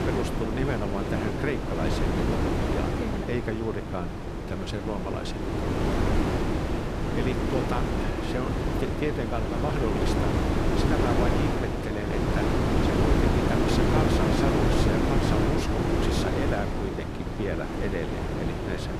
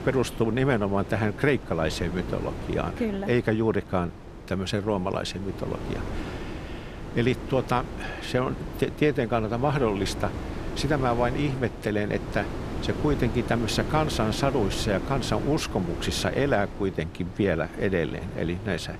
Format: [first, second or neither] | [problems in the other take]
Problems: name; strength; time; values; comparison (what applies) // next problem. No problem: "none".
second | wind noise on the microphone; heavy; 4 dB above the speech; occasional gusts in the second